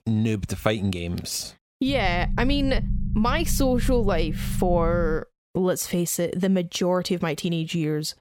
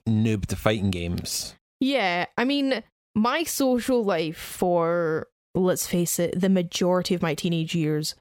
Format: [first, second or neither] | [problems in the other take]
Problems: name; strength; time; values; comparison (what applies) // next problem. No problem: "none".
second | low rumble; noticeable; from 2 to 5 s; 15 dB below the speech